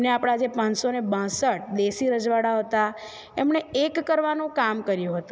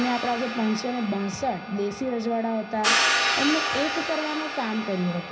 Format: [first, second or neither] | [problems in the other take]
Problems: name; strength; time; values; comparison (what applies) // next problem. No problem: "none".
first | background sound (Hi-hat); 1 dB below the speech // room echo; dies away in 0.5 s